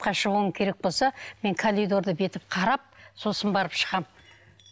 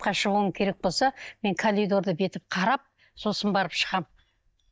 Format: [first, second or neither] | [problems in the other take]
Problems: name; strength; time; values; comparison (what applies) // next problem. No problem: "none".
first | noise reduction (neural mask model DeepFilterNet 3)